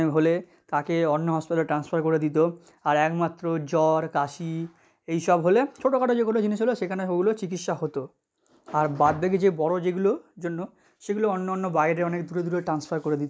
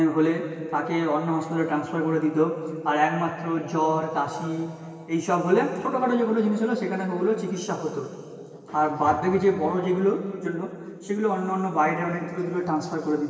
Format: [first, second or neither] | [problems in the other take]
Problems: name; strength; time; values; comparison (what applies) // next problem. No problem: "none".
first | room echo; dies away in 2.6 s